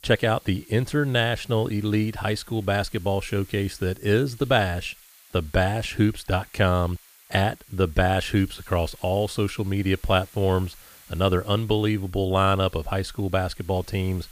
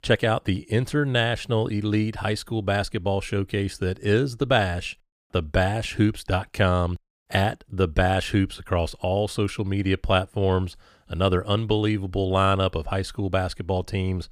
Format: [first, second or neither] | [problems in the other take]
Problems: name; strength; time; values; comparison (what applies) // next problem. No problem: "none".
second | hiss; faint; throughout; 25 dB below the speech